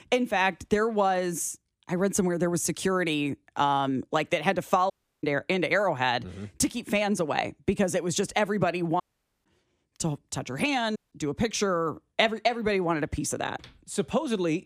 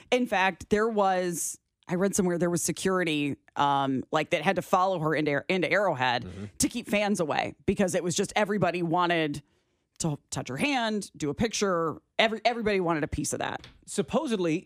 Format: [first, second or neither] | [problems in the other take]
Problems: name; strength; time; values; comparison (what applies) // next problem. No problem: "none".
second | audio cutting out; at 5 s, at 9 s and at 11 s